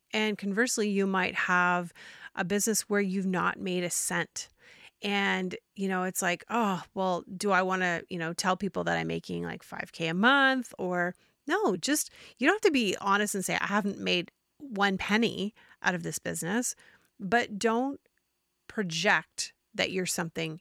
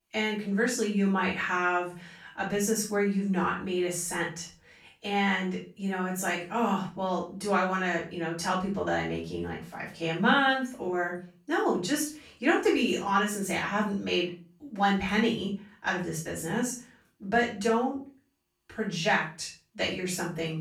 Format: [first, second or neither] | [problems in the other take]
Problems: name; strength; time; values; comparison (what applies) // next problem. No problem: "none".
first | off-mic speech; far // room echo; noticeable; dies away in 0.4 s